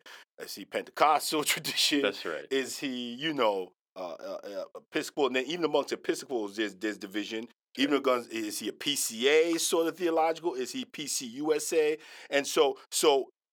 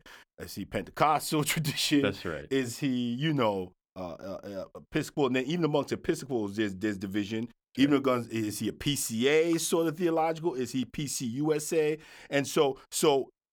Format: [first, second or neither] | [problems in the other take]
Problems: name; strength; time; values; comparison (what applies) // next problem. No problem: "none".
second | thin; somewhat; fading below 400 Hz